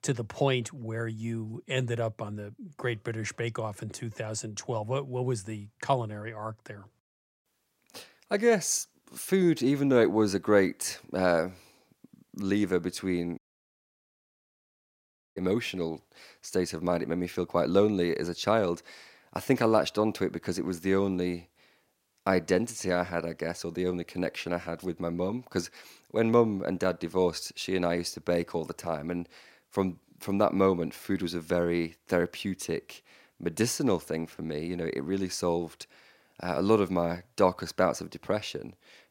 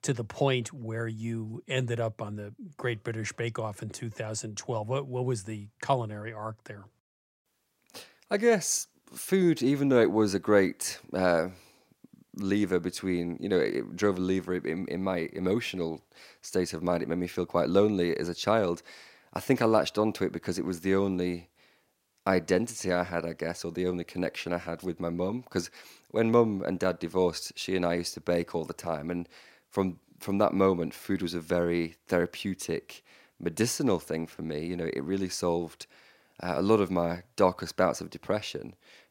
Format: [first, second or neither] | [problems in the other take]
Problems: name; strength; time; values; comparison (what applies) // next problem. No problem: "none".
second | audio cutting out; at 13 s for 2 s